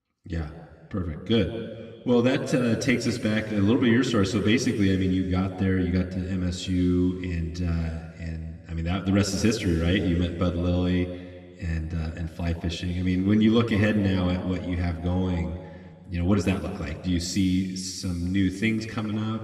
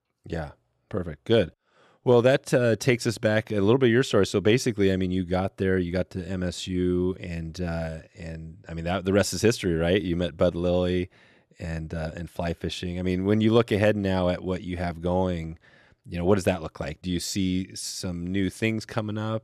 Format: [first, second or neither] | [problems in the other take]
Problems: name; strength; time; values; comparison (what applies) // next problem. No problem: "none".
second | room echo; noticeable; dies away in 1.7 s // off-mic speech; somewhat distant